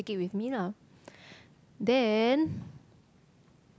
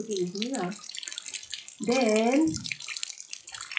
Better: first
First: none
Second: noise reduction (classical method WPE with log-MMSE)

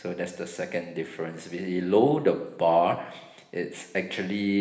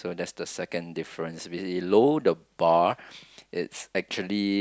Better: second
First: room echo; dies away in 1.1 s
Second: none

